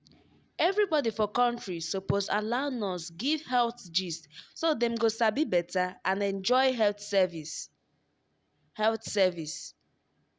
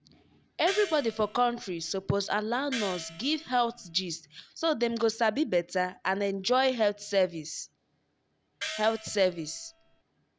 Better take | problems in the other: first | background sound (Gong); 12 dB below the speech

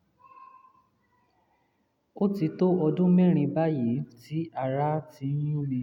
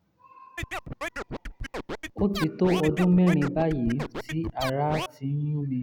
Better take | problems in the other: first | background sound (Scratching (performance technique)); 8 dB below the speech

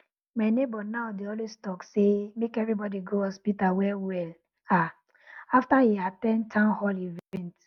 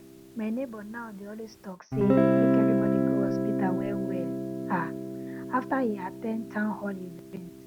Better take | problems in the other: first | background sound (Guitar); 5 dB above the speech

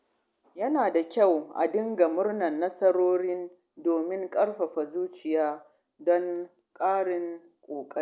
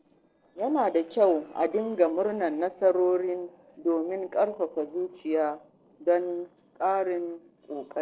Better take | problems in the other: first | noise reduction (neural separator model SepFormer DNS4)

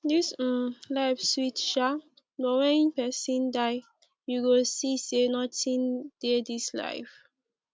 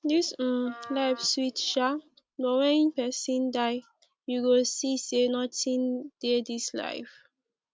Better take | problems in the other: first | background sound (Wind instrument, woodwind instrument); 20 dB below the speech

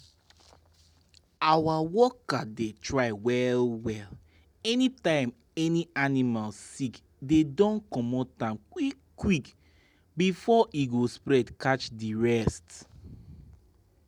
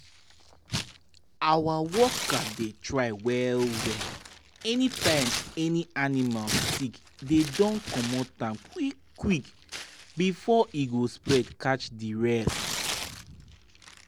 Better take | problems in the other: first | background sound (Tearing); 8 dB below the speech

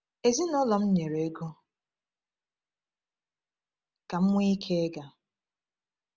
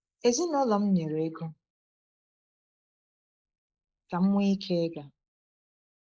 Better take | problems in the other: first | noise reduction (neural mask model Resemble Enhance denoiser)

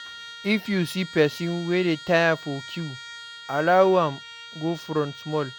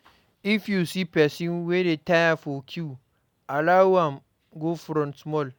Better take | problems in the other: second | background sound (Trumpet); 16 dB below the speech

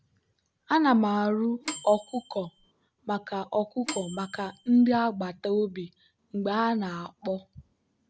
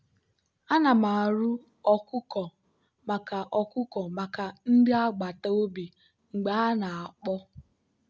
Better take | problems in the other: second | background sound (Microwave oven / Bell); 13 dB below the speech

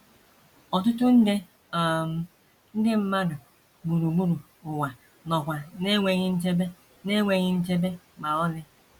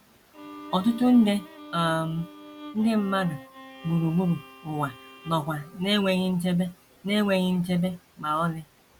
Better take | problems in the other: first | background sound (Bowed string instrument); 20 dB below the speech

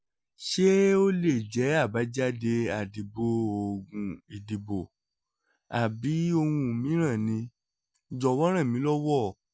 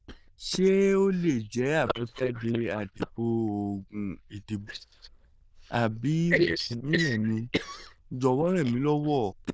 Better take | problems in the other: first | noise reduction (neural diffusion model UNIVERSE++)

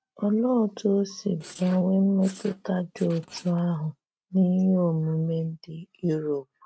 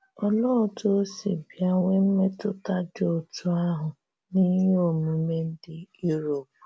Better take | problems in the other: second | noise reduction (neural mask model RNNoise)

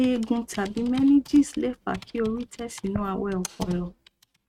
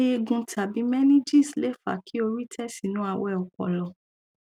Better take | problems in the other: second | noise reduction (neural mask model RNNoise)

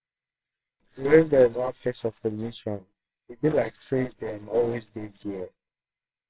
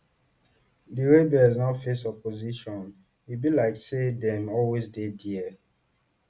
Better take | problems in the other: second | noise reduction (neural separator model SepFormer WHAMR!)

